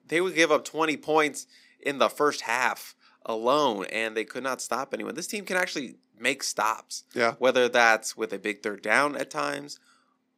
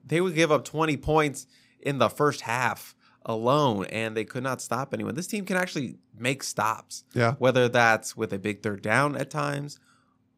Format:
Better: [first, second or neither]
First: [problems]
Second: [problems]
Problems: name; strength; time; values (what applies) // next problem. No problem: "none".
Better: second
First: thin; very slightly; fading below 250 Hz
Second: none